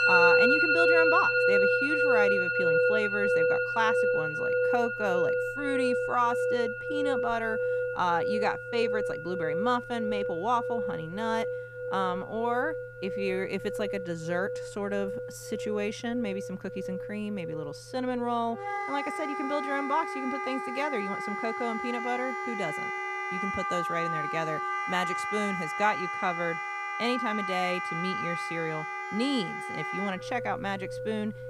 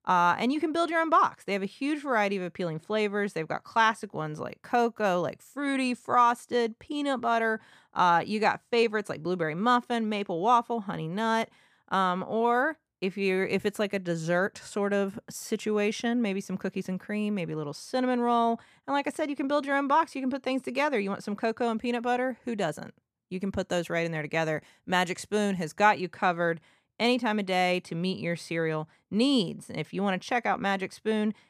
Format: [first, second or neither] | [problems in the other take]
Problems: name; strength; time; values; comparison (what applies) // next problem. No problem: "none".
second | background music; very loud; throughout; 3 dB above the speech